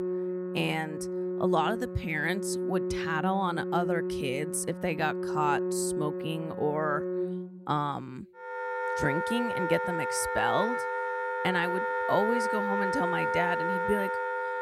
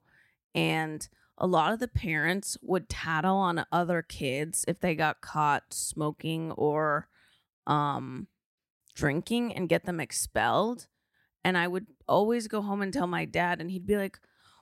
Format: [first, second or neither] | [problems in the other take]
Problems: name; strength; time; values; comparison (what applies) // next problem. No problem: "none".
second | background music; loud; throughout; 1 dB below the speech